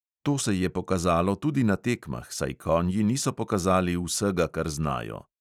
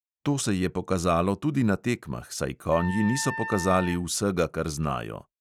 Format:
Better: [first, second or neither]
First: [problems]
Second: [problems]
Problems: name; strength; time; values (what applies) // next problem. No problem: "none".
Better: first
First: none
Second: background sound (Wind instrument, woodwind instrument); 10 dB below the speech